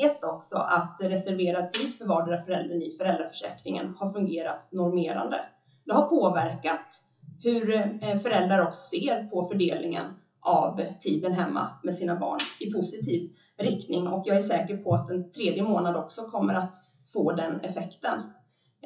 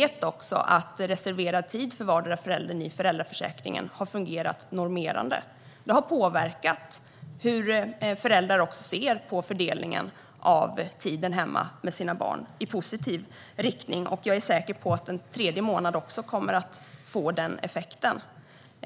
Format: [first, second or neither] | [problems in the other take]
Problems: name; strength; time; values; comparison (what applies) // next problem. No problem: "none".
second | noise reduction (classical method WPE with log-MMSE)